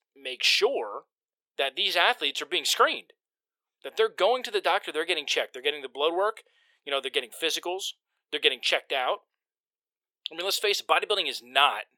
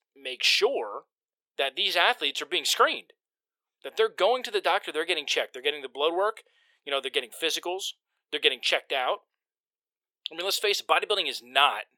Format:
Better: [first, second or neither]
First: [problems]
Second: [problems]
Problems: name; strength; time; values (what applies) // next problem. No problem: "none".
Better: neither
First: thin; very; fading below 450 Hz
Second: thin; very; fading below 450 Hz